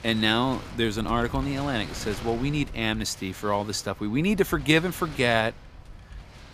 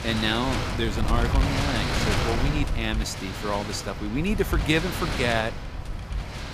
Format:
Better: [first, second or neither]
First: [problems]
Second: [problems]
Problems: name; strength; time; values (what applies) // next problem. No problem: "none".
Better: first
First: wind noise on the microphone; occasional gusts; 15 dB below the speech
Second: wind noise on the microphone; heavy; 2 dB below the speech